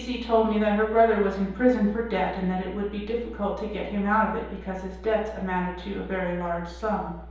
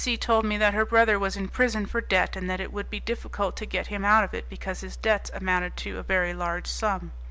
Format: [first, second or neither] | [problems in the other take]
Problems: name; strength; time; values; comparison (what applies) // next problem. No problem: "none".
second | room echo; dies away in 2.2 s